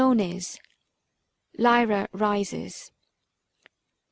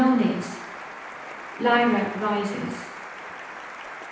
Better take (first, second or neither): first